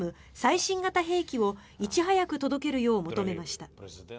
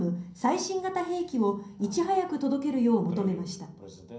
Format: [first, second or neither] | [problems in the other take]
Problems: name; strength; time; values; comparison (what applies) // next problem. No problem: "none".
first | room echo; dies away in 0.6 s